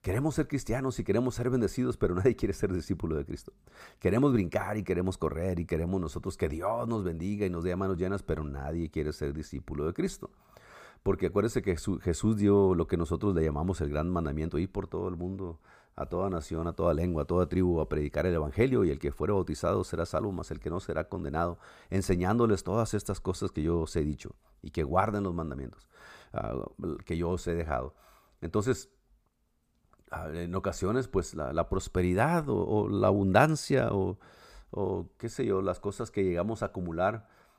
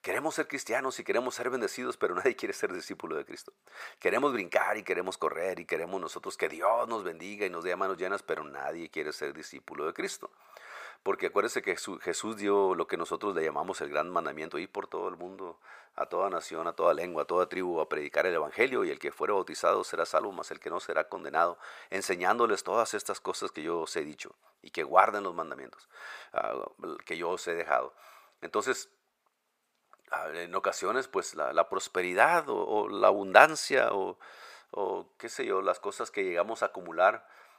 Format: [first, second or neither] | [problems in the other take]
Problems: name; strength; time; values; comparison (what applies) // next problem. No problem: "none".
first | thin; very; fading below 600 Hz